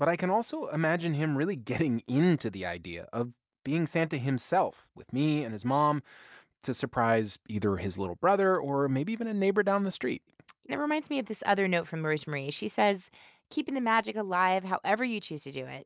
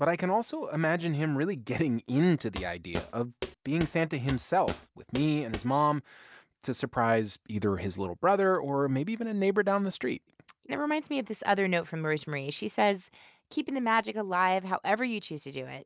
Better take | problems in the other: first | background sound (Walk, footsteps); 11 dB below the speech

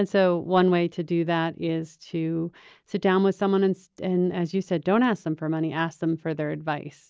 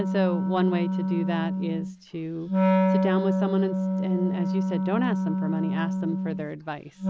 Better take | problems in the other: first | background sound (Wind instrument, woodwind instrument); 4 dB above the speech

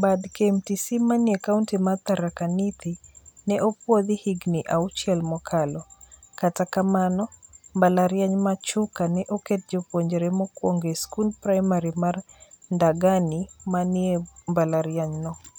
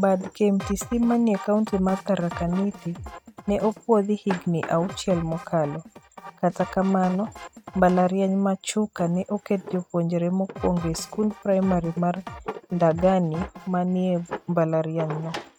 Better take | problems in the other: first | noise reduction (neural mask model RNNoise)

